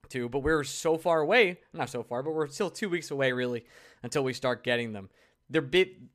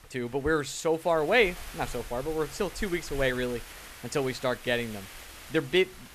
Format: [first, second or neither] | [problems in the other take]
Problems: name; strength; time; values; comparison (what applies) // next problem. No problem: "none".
first | wind noise on the microphone; occasional gusts; 15 dB below the speech